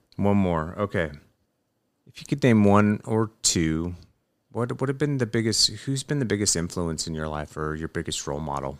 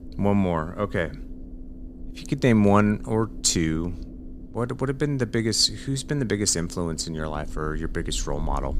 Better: first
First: none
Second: low rumble; faint; throughout; 20 dB below the speech

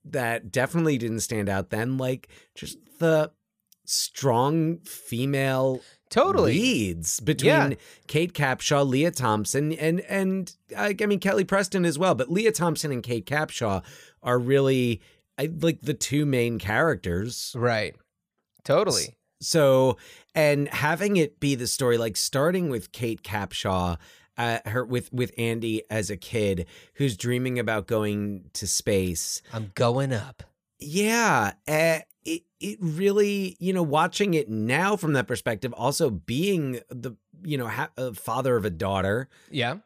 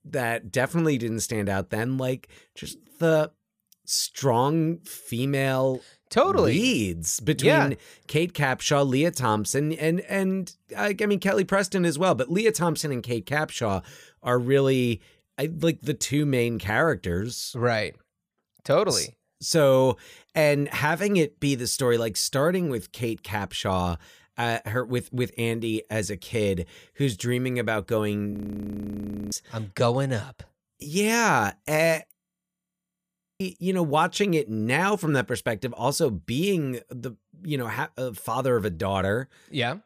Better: first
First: none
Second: audio freezing; at 28 s for 1 s and at 32 s for 1 s

